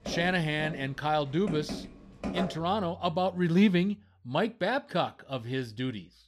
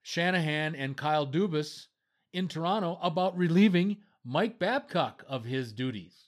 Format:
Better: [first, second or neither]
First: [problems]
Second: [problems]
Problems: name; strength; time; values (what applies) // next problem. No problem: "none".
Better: second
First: household noises; noticeable; throughout; 10 dB below the speech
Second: none